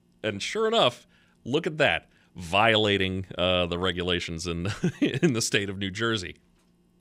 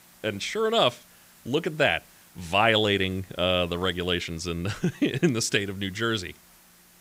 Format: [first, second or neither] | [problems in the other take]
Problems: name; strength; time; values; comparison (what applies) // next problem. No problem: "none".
first | hiss; faint; throughout; 25 dB below the speech